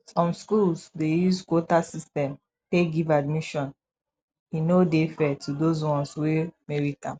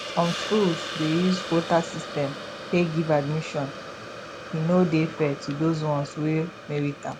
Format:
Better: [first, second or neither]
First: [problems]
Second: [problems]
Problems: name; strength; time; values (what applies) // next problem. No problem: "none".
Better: first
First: none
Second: background sound (Hiss); 10 dB below the speech